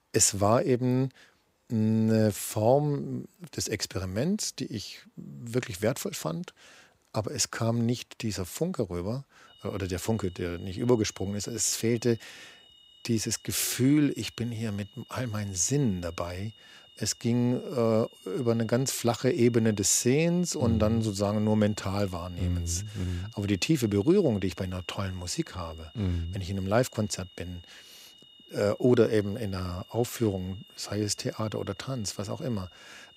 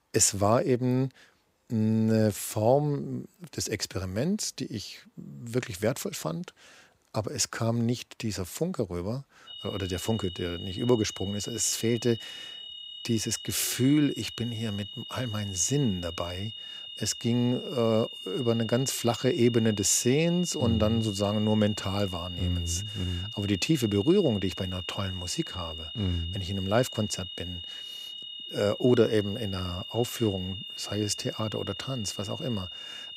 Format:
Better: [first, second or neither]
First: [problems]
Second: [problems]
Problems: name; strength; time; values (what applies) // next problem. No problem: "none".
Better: first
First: high-pitched whine; faint; from 9.5 s on; 3 kHz, 25 dB below the speech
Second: high-pitched whine; loud; from 9.5 s on; 3 kHz, 10 dB below the speech